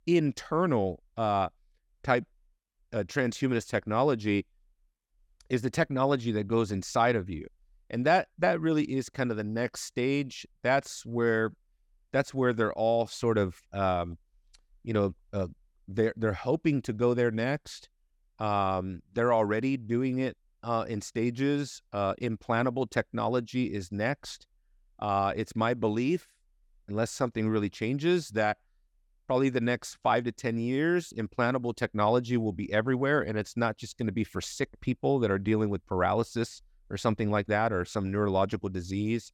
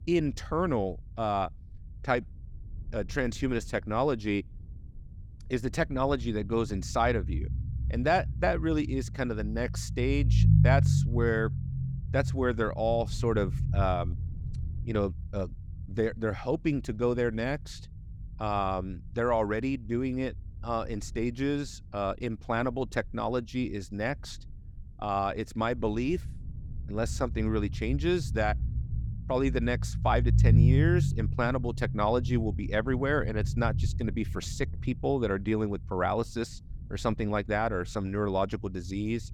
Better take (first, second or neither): first